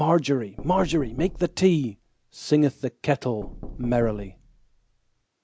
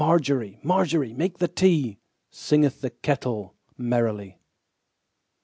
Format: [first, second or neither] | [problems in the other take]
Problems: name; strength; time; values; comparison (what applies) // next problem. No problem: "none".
second | background sound (Knock); 13 dB below the speech